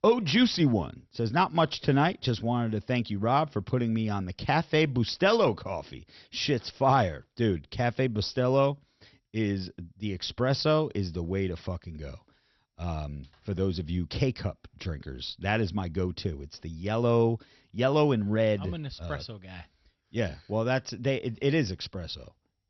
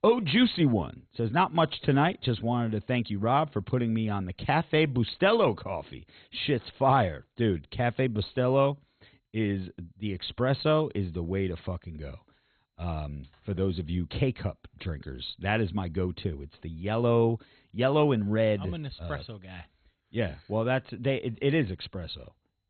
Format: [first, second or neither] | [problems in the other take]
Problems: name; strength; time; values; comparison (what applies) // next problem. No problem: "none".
first | garbled, watery; badly; nothing above 4 kHz; slightly in the first